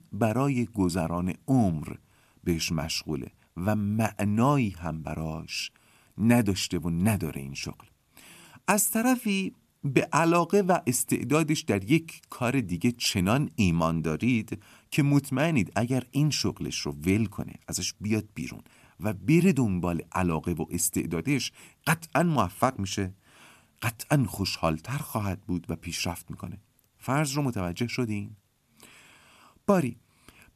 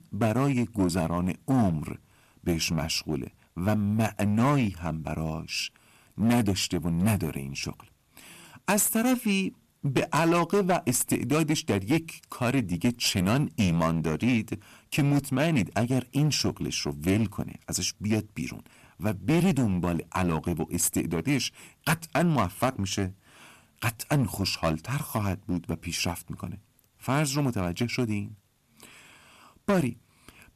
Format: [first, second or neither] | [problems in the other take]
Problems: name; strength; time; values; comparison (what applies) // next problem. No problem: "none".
first | distortion; slight; 6% of the sound clipped